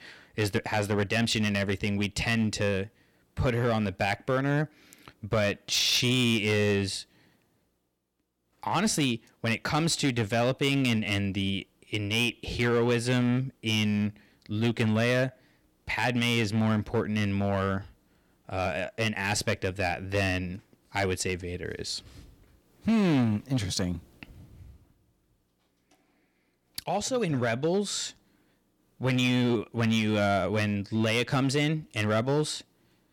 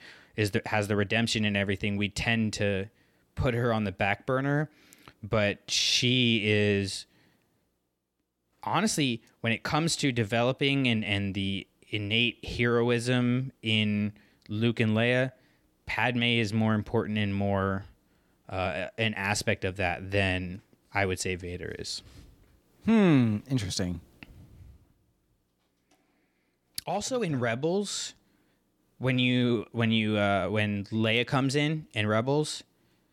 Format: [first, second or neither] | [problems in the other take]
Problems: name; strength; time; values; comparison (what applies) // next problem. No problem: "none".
second | distortion; slight; 5% of the sound clipped